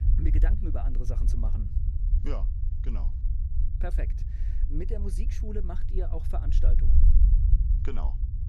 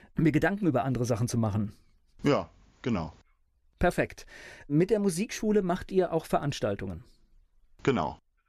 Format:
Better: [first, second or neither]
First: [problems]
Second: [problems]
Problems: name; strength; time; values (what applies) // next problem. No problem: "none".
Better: second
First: low rumble; loud; throughout; 5 dB below the speech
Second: none